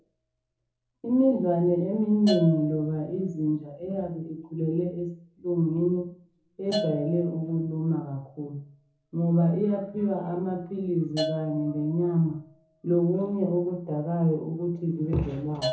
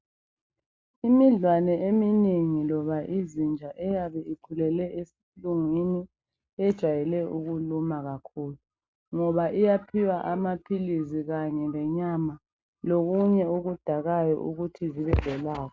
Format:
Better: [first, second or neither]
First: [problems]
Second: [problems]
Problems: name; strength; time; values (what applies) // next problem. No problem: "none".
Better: second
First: background sound (Bell / Percussion); 13 dB below the speech // room echo; dies away in 0.6 s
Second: none